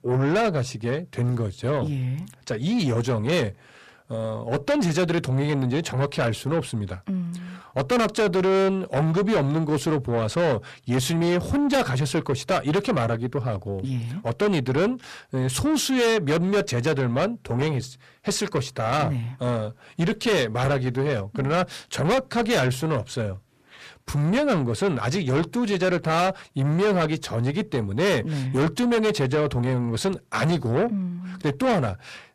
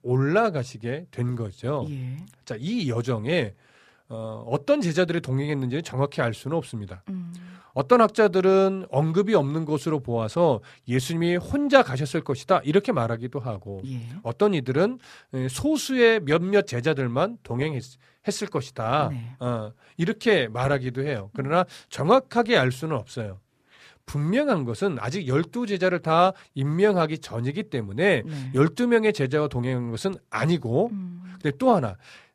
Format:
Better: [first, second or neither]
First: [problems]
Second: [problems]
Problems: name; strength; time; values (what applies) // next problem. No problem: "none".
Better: second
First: distortion; heavy; 6 dB below the speech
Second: none